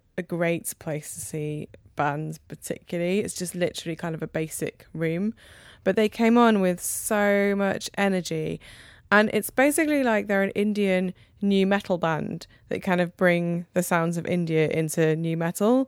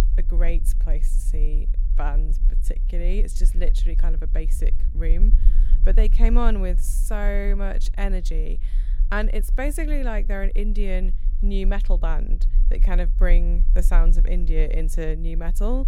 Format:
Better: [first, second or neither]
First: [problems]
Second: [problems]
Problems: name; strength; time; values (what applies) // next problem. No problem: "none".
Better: first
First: none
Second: low rumble; noticeable; throughout; 15 dB below the speech